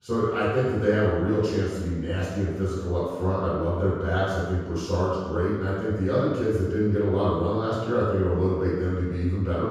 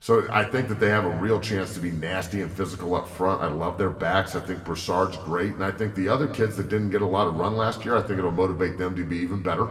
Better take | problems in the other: second | room echo; strong; dies away in 1.2 s; slight in the second // off-mic speech; far; somewhat distant in the second

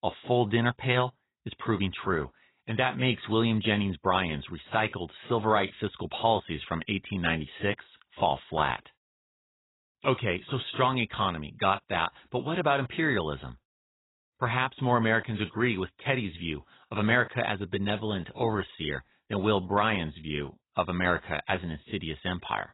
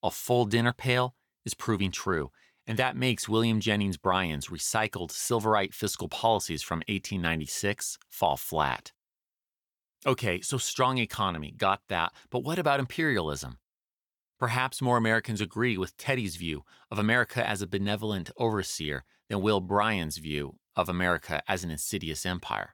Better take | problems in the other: second | garbled, watery; badly; nothing above 4 kHz

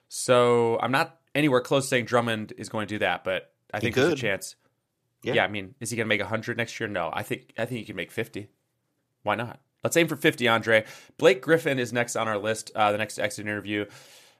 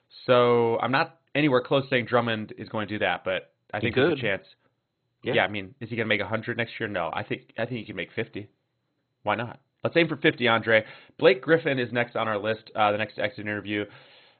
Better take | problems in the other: first | garbled, watery; badly; nothing above 4 kHz

